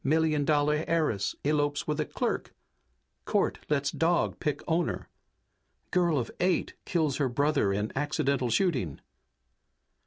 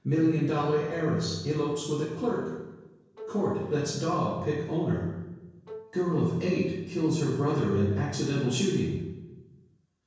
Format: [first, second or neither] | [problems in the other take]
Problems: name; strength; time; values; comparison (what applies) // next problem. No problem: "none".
first | background sound (Bowed string instrument); 19 dB below the speech // room echo; dies away in 1 s